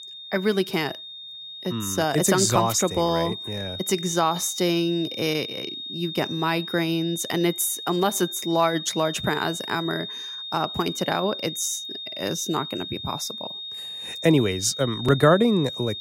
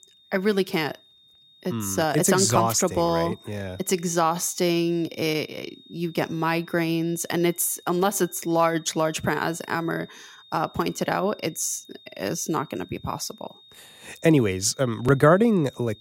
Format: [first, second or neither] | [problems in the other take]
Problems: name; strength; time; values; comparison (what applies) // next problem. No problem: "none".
second | high-pitched whine; loud; throughout; 3.5 kHz, 8 dB below the speech; faint in the second